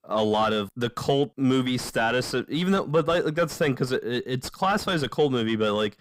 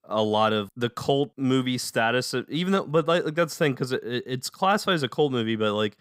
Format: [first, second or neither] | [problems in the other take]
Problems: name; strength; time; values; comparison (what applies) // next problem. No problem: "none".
second | distortion; slight; 10 dB below the speech